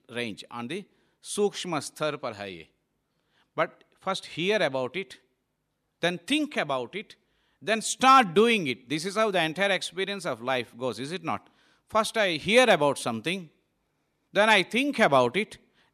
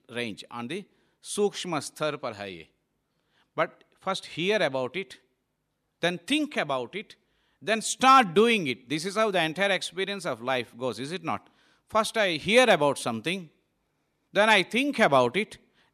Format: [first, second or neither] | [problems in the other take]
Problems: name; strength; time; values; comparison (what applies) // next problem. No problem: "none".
neither | none